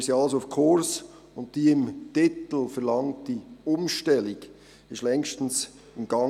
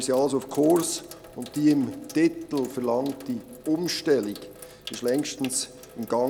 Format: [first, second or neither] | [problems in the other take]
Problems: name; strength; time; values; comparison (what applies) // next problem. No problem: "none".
first | background sound (Sink (filling or washing)); 19 dB below the speech